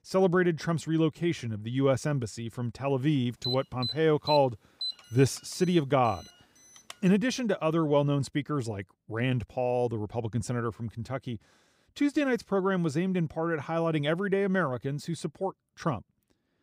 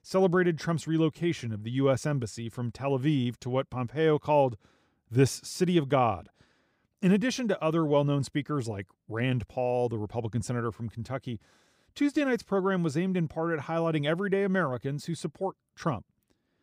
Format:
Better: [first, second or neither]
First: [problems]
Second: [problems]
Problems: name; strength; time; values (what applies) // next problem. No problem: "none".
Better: second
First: alarm; noticeable; from 3.5 to 7 s; peak 6 dB below the speech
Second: none